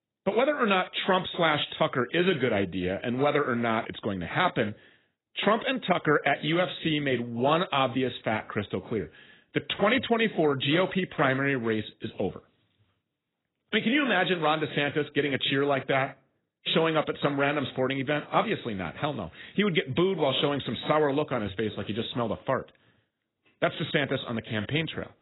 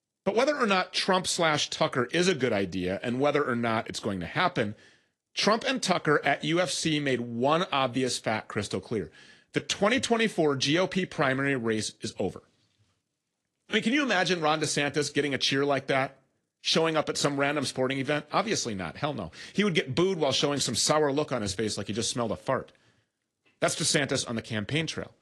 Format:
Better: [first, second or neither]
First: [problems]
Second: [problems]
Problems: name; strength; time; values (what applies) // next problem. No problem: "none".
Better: second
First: garbled, watery; badly; nothing above 4 kHz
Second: garbled, watery; slightly